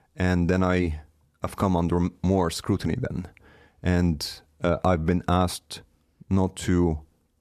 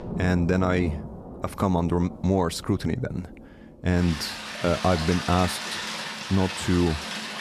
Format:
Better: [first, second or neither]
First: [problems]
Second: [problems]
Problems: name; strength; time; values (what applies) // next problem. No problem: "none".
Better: first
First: none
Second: rain or running water; loud; throughout; 7 dB below the speech